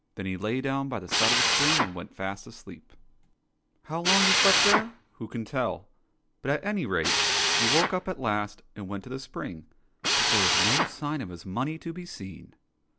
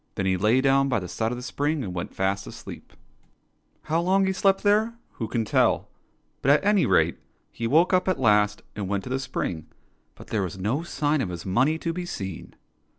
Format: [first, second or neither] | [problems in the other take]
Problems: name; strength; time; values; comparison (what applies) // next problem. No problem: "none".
second | background sound (Drill); 2 dB above the speech